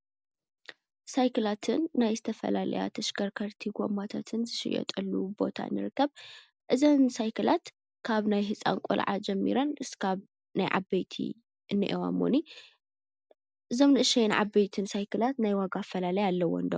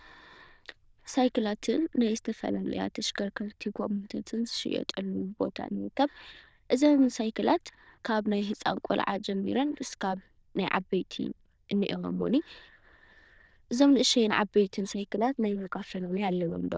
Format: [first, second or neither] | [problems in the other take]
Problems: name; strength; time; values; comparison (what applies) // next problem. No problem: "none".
first | noise reduction (neural diffusion model UNIVERSE++)